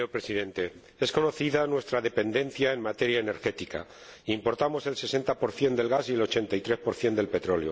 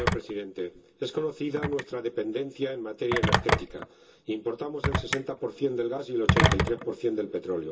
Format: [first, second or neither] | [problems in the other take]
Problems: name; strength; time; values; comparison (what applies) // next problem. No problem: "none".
first | background sound (Telephone); 1 dB above the speech // room echo; dies away in 0.2 s